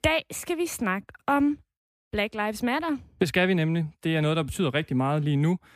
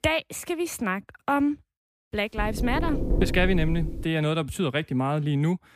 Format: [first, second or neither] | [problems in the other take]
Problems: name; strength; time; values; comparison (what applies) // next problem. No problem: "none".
first | door banging; noticeable; from 2.5 to 4 s; peak 1 dB below the speech